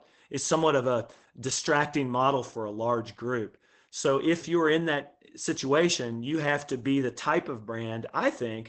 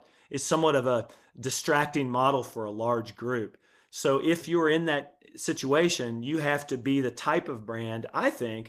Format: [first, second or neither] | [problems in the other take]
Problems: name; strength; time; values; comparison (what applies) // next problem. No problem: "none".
second | garbled, watery; badly; nothing above 8 kHz; slightly in the second